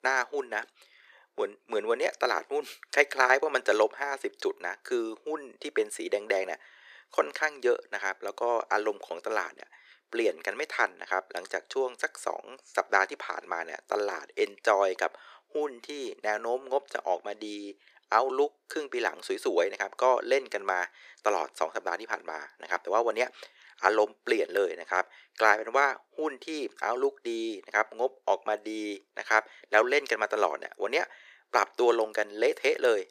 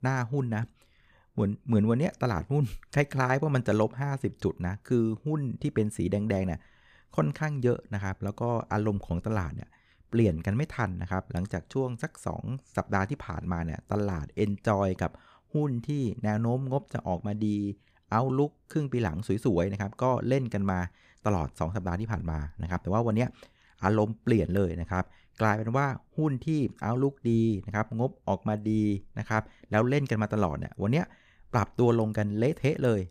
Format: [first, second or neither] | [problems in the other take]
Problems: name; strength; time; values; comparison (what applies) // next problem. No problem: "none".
second | thin; very; fading below 400 Hz